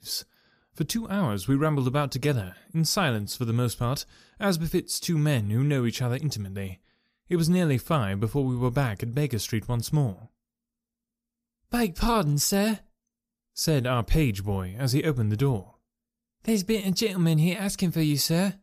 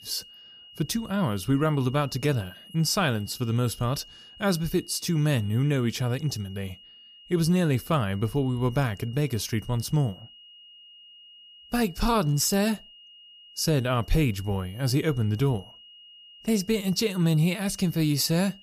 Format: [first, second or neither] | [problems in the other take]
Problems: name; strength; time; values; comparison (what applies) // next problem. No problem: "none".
first | high-pitched whine; faint; throughout; 3 kHz, 20 dB below the speech